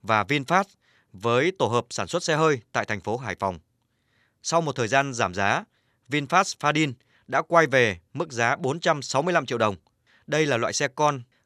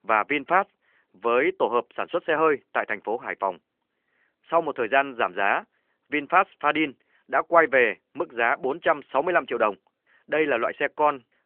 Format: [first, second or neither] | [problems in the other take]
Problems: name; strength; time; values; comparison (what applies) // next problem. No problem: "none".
first | phone-call audio; nothing above 3 kHz